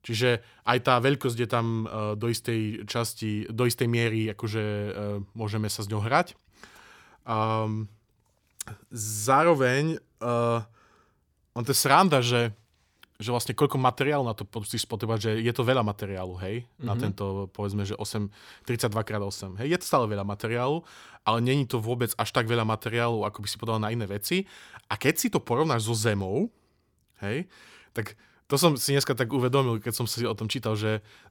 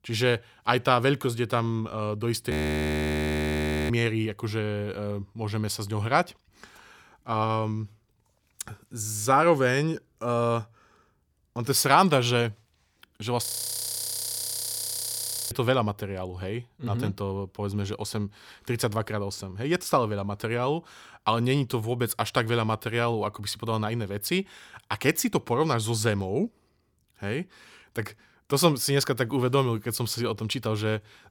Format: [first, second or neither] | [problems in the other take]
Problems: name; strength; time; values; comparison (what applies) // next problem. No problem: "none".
first | audio freezing; at 2.5 s for 1.5 s and at 13 s for 2 s